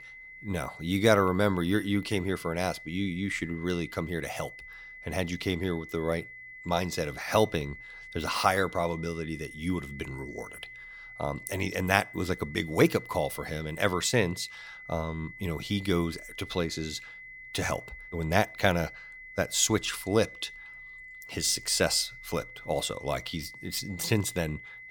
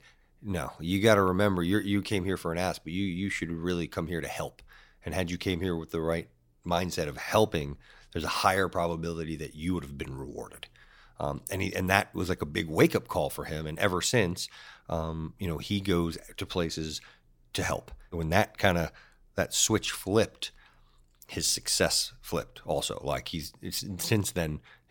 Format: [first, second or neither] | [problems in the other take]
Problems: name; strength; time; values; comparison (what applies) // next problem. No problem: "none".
second | high-pitched whine; noticeable; throughout; 2 kHz, 15 dB below the speech